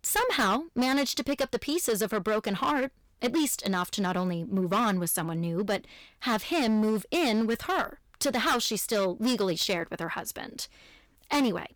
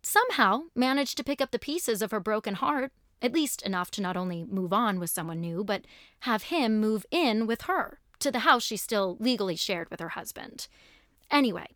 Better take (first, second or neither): second